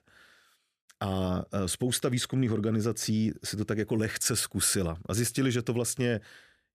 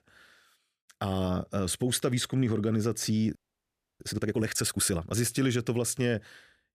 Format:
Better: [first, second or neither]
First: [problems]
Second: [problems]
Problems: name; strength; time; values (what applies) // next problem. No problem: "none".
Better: first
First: none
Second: audio freezing; at 3.5 s for 0.5 s